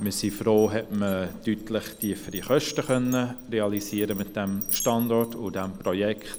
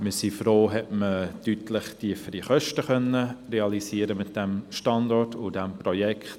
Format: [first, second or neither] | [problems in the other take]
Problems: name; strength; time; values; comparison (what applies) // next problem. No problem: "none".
second | background sound (Glass); 13 dB below the speech